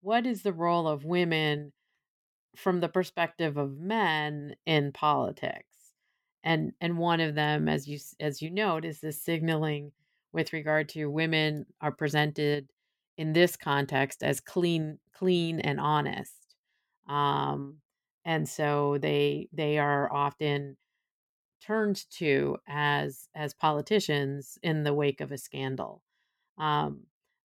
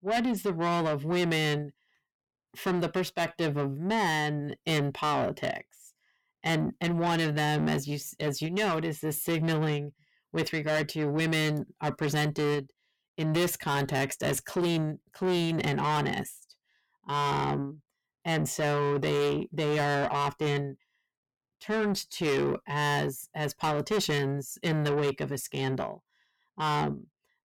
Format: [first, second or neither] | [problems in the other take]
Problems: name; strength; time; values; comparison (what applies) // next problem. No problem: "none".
first | distortion; heavy; 7 dB below the speech